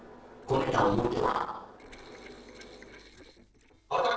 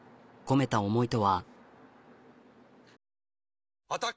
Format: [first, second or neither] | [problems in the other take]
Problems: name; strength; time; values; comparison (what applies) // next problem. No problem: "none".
second | noise reduction (neural separator model SepFormer DNS4)